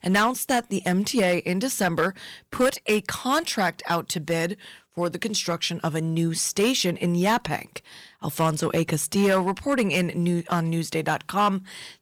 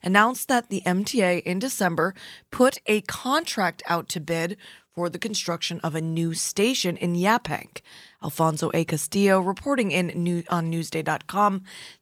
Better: second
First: distortion; slight; 4% of the sound clipped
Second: none

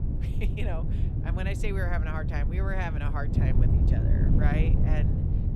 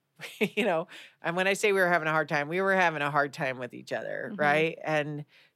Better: second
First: wind noise on the microphone; heavy; 3 dB below the speech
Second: none

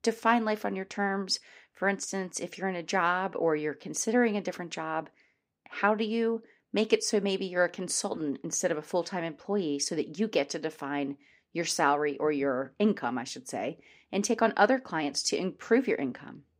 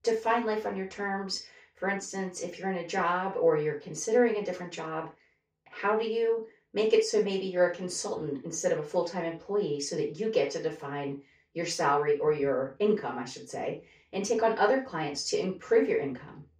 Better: first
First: none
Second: room echo; slight; dies away in 0.2 s // off-mic speech; far

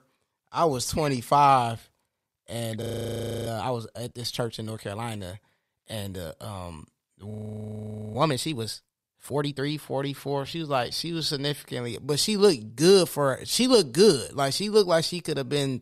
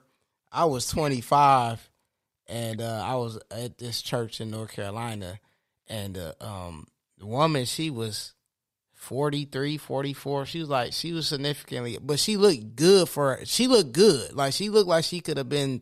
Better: second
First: audio freezing; at 3 s for 0.5 s and at 7.5 s for 1 s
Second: none

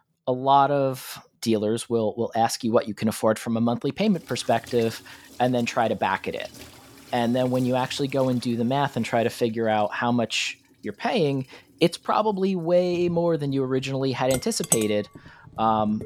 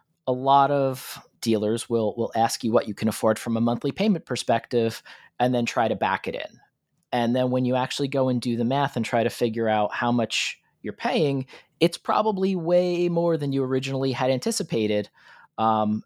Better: second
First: household noises; noticeable; from 4 s on; 10 dB below the speech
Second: none

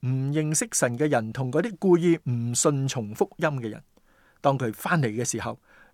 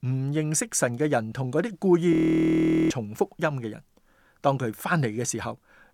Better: first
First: none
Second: audio freezing; at 2 s for 1 s

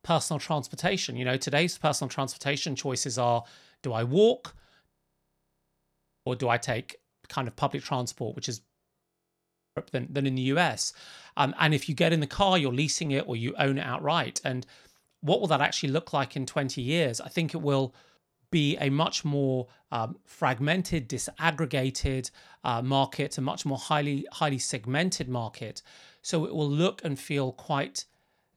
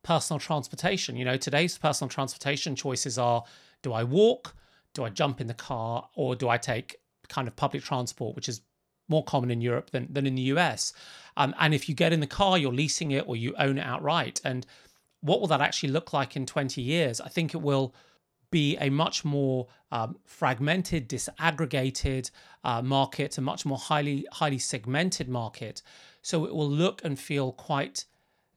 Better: second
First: audio freezing; at 5 s for 1.5 s and at 9 s for 0.5 s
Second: none

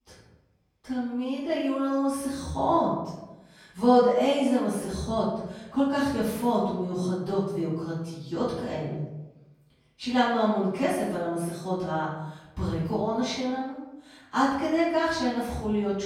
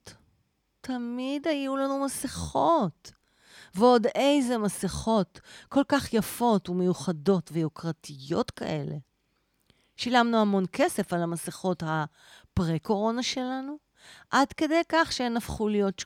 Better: second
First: off-mic speech; far // room echo; noticeable; dies away in 0.9 s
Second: none

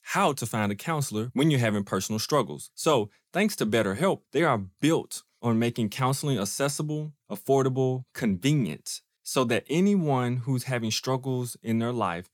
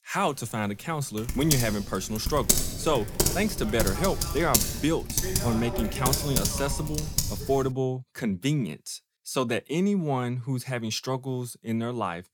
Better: first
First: none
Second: keyboard typing; loud; from 1.5 to 7.5 s; peak 5 dB above the speech

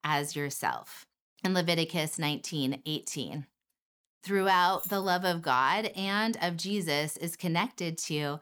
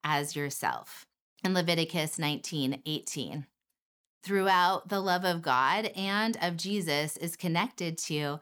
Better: second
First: jangling keys; noticeable; at 5 s; peak 8 dB below the speech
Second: none

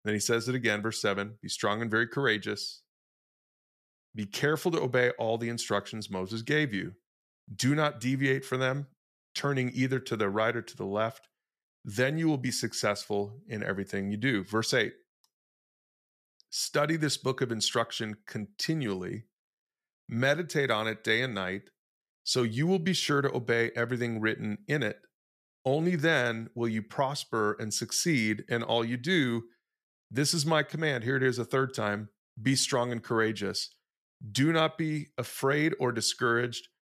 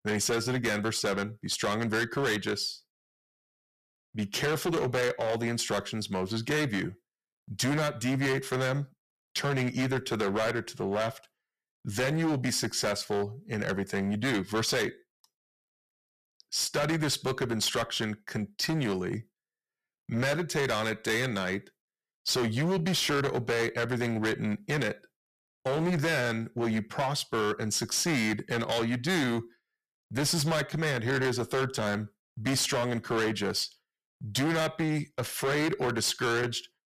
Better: first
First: none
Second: distortion; heavy; 17% of the sound clipped

